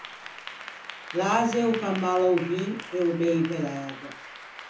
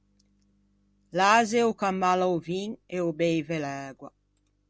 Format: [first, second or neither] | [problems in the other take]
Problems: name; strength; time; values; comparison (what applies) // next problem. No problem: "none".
second | background sound (Applause / Clapping); 14 dB below the speech // room echo; dies away in 0.7 s